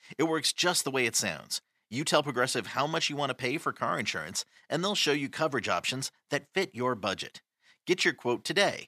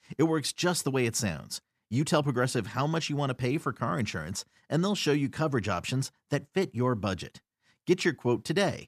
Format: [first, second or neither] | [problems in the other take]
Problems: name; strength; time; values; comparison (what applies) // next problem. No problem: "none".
second | thin; somewhat; fading below 1 kHz